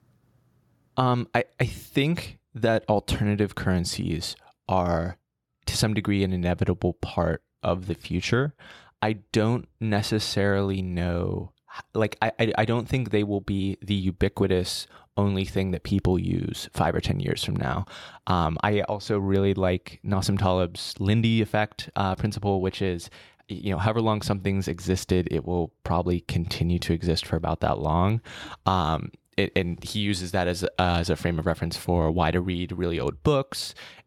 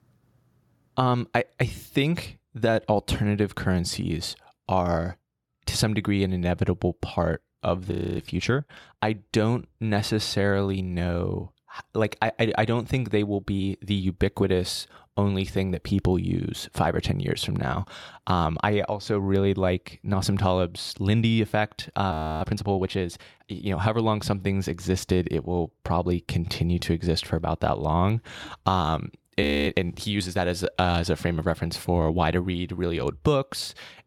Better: first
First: none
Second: audio freezing; at 8 s, at 22 s and at 29 s

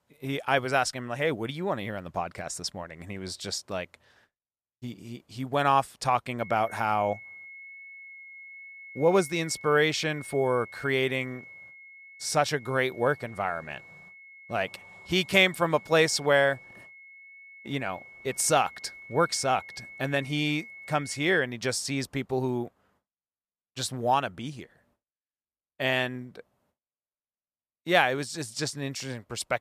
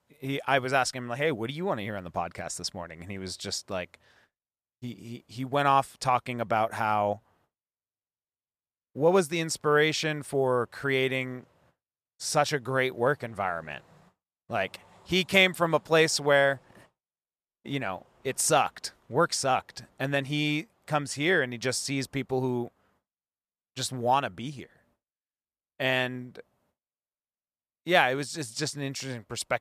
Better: second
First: high-pitched whine; noticeable; from 6.5 to 21 s; 2 kHz, 15 dB below the speech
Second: none

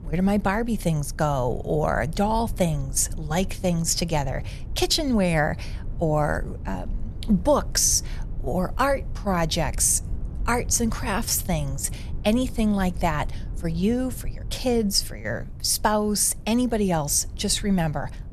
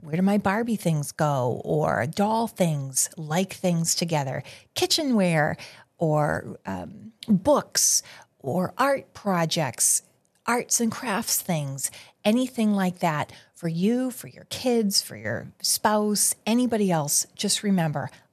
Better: second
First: low rumble; faint; throughout; 25 dB below the speech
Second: none

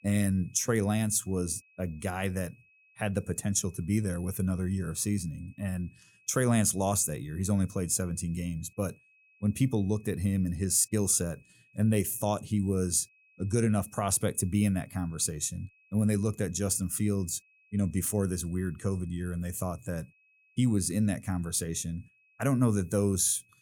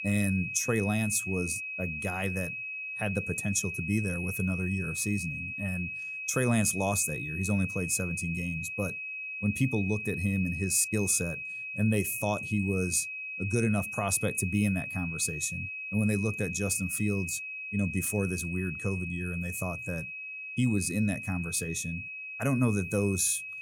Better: first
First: high-pitched whine; faint; throughout; 2.5 kHz, 30 dB below the speech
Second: high-pitched whine; loud; throughout; 2.5 kHz, 5 dB below the speech

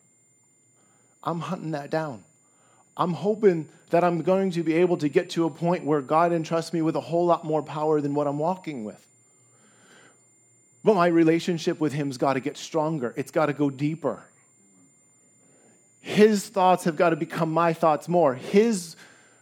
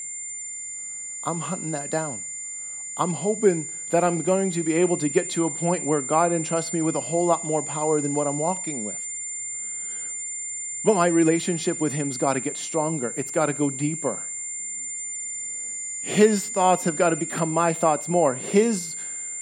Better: first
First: high-pitched whine; faint; throughout; 7 kHz, 35 dB below the speech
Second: high-pitched whine; loud; throughout; 7 kHz, 6 dB below the speech

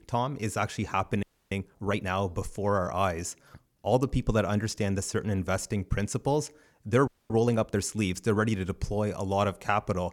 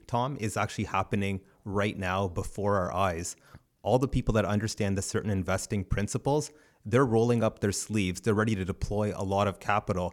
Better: second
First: audio freezing; at 1 s and at 7 s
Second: none

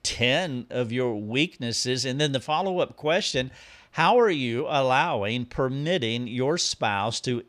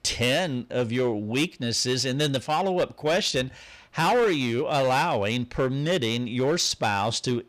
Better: first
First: none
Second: distortion; slight; 9% of the sound clipped

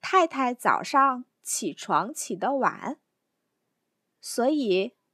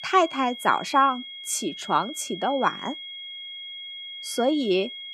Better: first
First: none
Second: high-pitched whine; noticeable; throughout; 3.5 kHz, 10 dB below the speech

